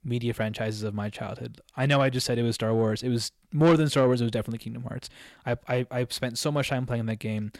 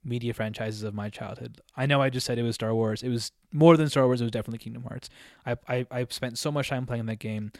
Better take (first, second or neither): second